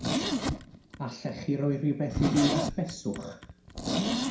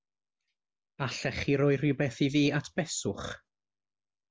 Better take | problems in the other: second | background sound (Zipper (clothing)); 1 dB below the speech // room echo; dies away in 0.5 s

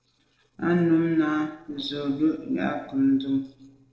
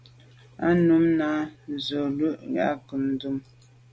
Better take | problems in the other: second | noise reduction (neural separator model SepFormer DNS4)

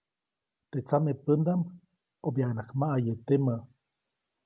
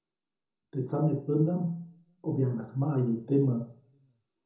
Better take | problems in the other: first | room echo; dies away in 0.6 s

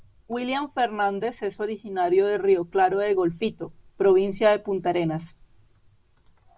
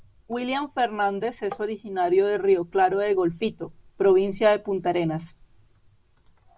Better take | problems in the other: first | background sound (Tap); 15 dB below the speech

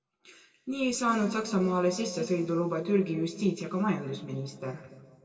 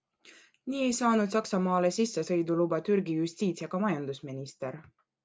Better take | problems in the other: second | room echo; dies away in 1.6 s

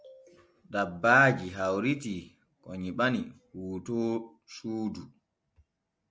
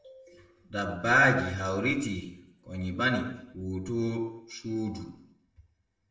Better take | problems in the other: first | room echo; dies away in 0.8 s

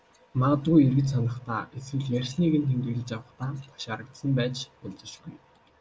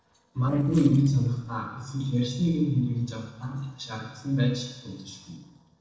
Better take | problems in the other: first | noise reduction (neural separator model SepFormer DNS4)

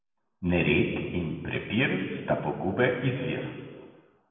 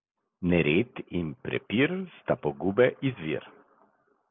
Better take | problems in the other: second | room echo; dies away in 1.6 s

